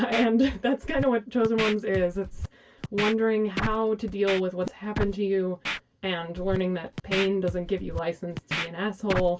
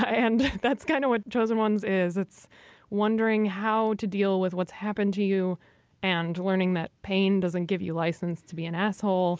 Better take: second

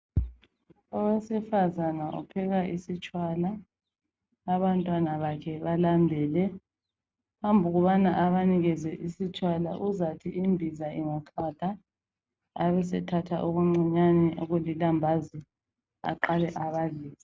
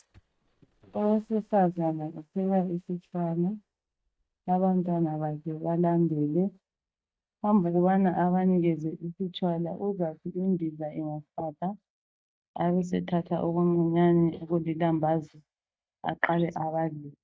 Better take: first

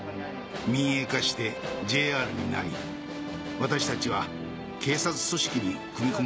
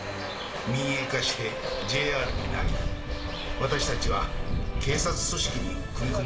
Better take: first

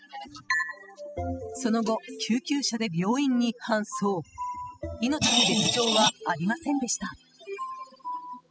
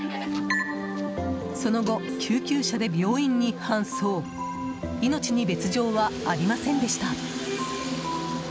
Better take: second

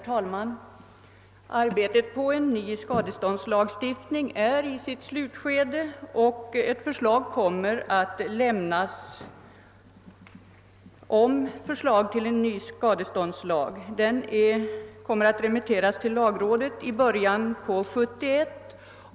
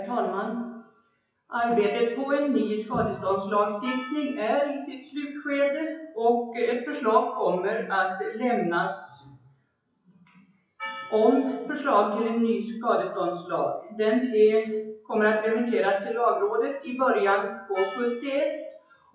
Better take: first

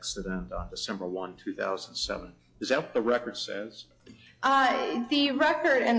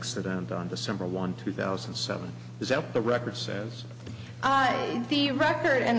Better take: second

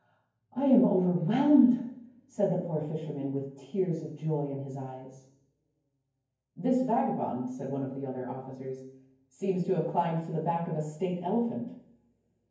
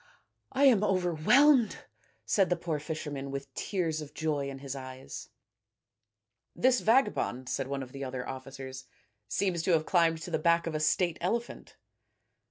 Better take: second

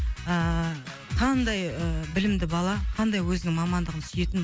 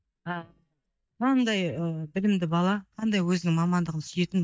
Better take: first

